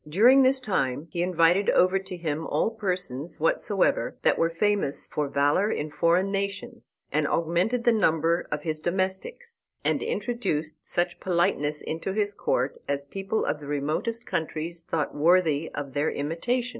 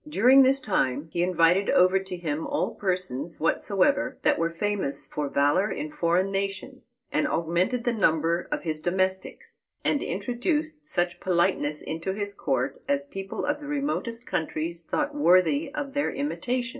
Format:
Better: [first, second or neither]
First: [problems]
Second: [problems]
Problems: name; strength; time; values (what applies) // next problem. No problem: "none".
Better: first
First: none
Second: room echo; dies away in 0.2 s